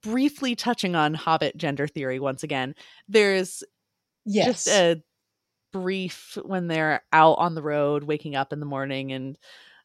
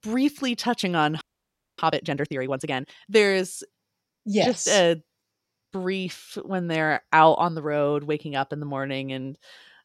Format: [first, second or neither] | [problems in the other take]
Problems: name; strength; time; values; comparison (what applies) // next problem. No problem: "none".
first | audio freezing; at 1 s for 0.5 s